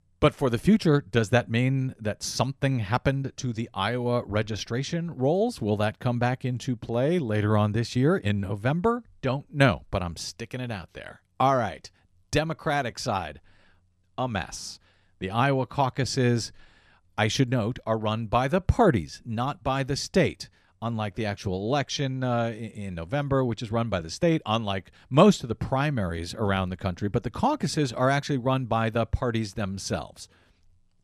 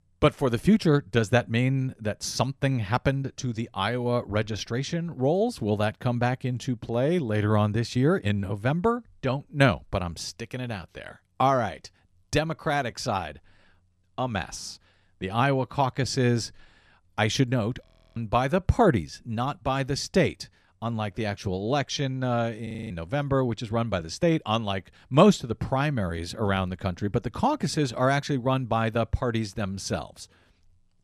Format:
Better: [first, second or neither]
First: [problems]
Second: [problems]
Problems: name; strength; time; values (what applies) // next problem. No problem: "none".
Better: first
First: none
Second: audio freezing; at 18 s and at 23 s